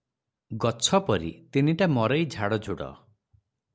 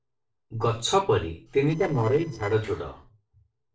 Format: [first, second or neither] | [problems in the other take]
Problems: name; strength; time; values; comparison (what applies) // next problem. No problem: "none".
first | noise reduction (neural separator model SepFormer DNS4)